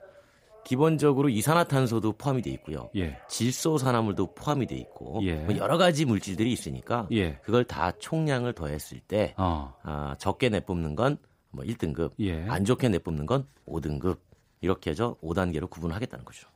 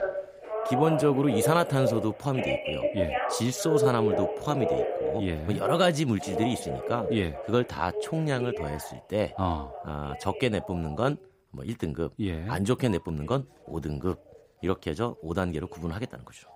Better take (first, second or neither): first